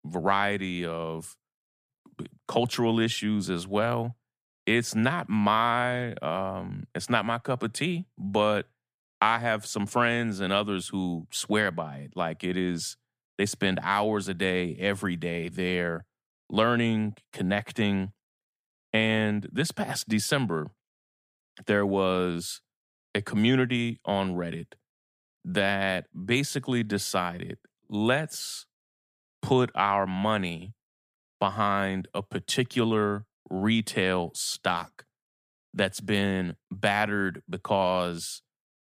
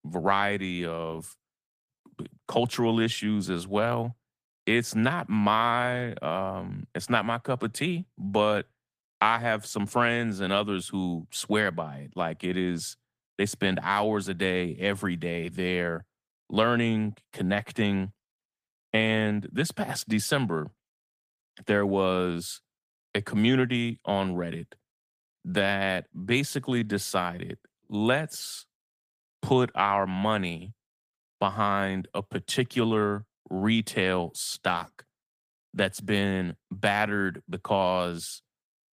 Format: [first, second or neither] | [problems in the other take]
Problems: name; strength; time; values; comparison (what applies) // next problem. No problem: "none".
first | garbled, watery; slightly; nothing above 15 kHz